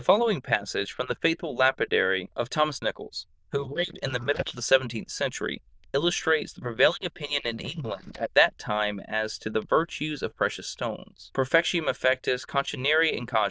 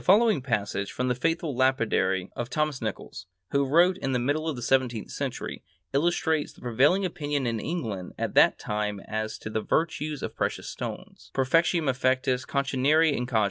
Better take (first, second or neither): second